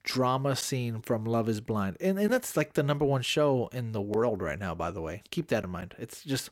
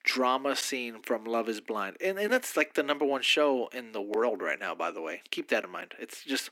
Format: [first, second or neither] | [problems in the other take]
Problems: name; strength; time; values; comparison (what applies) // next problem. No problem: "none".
first | thin; somewhat; fading below 250 Hz